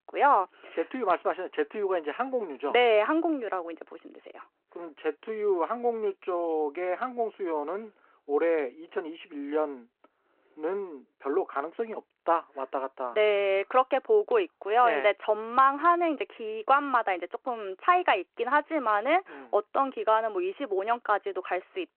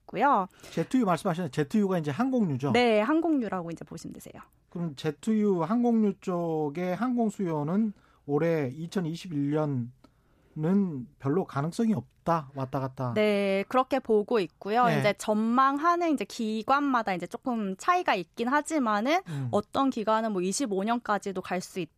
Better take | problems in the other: second | phone-call audio

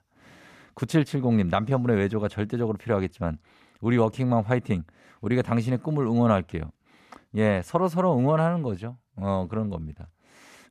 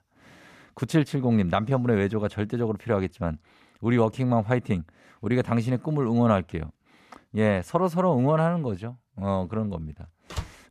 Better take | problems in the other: first | door banging; faint; at 10 s; peak 10 dB below the speech

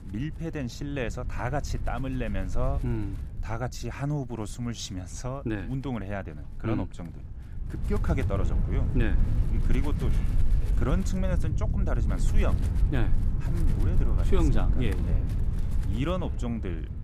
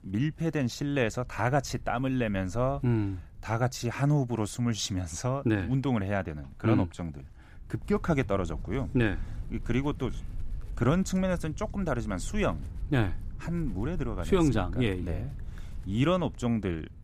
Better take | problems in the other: second | wind noise on the microphone; heavy; 8 dB below the speech; occasional gusts in the second

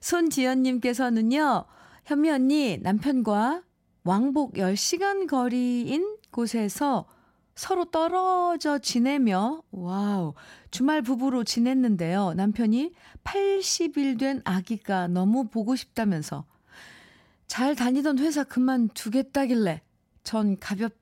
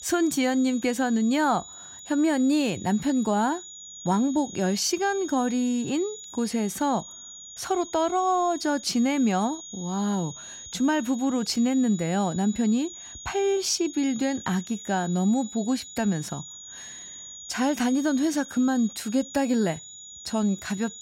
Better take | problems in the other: first | high-pitched whine; noticeable; throughout; 6.5 kHz, 15 dB below the speech

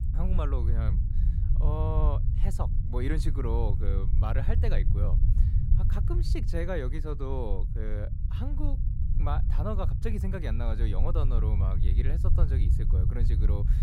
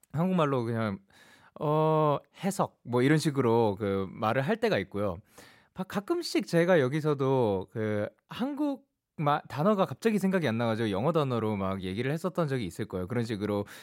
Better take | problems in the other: second | low rumble; loud; throughout; 7 dB below the speech

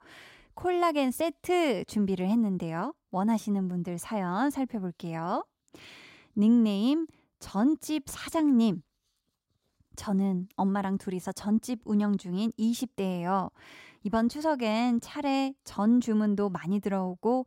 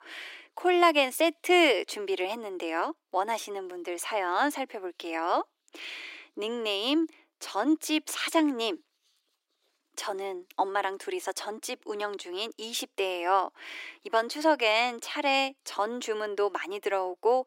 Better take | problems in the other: first | thin; very; fading below 300 Hz

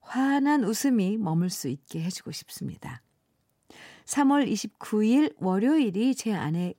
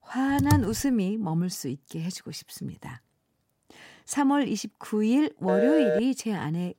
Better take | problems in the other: first | keyboard typing; loud; at 0.5 s; peak level with the speech // phone ringing; loud; at 5.5 s; peak 3 dB above the speech

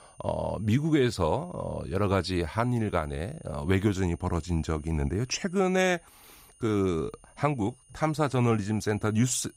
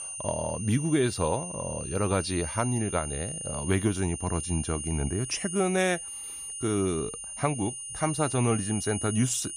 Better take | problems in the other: first | high-pitched whine; loud; throughout; 9.5 kHz, 5 dB below the speech; faint in the first

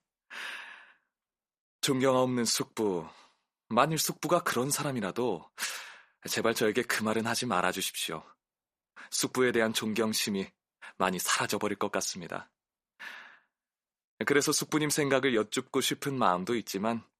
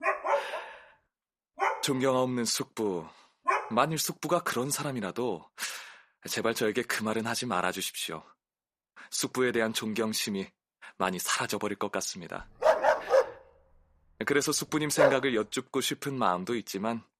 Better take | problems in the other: first | dog barking; loud; until 3.5 s and from 13 to 15 s; peak 6 dB above the speech

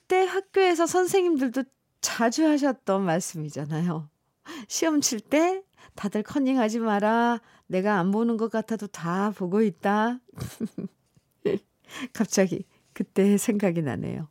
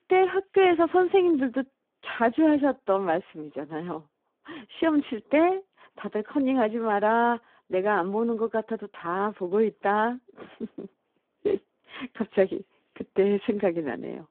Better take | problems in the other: first | phone-call audio; poor line

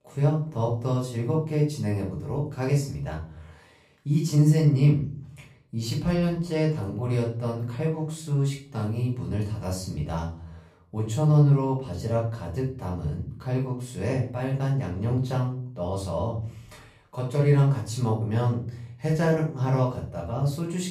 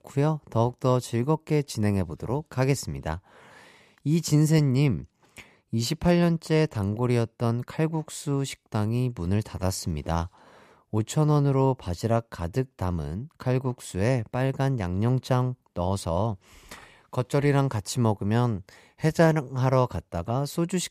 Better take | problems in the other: second | off-mic speech; far // room echo; slight; dies away in 0.4 s

